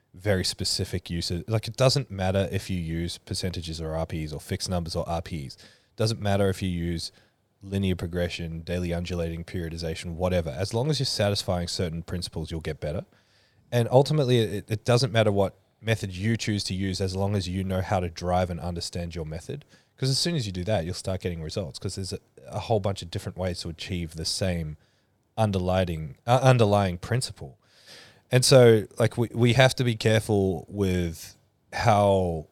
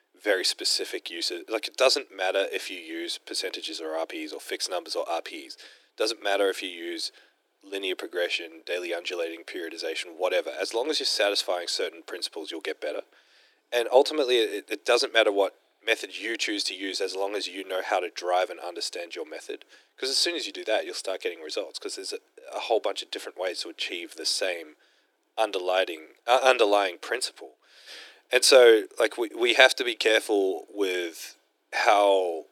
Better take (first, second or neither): first